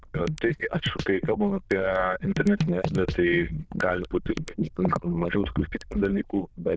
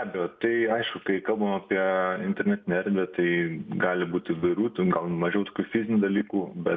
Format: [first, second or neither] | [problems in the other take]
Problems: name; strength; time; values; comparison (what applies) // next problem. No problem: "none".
second | noise reduction (neural diffusion model UNIVERSE++)